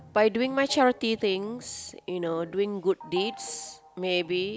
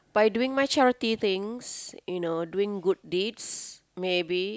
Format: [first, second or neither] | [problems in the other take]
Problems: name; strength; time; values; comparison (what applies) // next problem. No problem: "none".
second | background sound (Organ); 19 dB below the speech